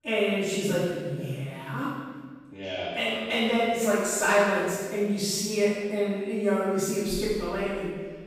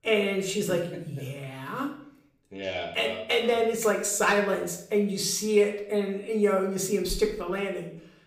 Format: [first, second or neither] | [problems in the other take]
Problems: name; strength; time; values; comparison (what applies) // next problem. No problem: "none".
second | room echo; strong; dies away in 1.5 s; slight in the second // off-mic speech; far; somewhat distant in the second